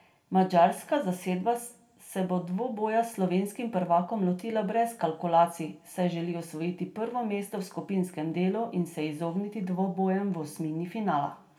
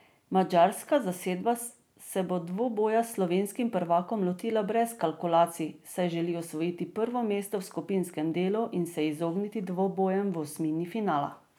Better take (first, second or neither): second